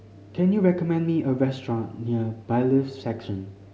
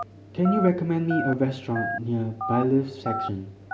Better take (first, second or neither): first